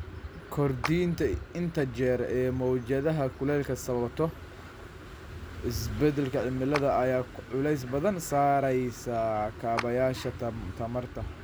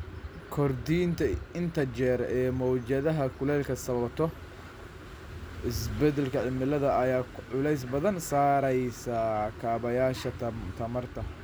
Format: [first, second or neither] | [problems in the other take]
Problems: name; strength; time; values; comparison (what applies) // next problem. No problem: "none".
second | background sound (Clapping); 13 dB below the speech